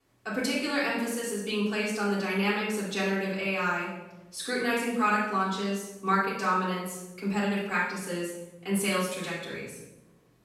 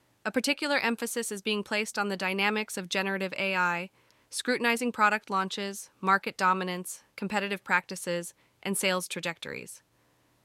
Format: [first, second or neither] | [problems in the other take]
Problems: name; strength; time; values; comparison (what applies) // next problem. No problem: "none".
second | off-mic speech; far // room echo; strong; dies away in 0.9 s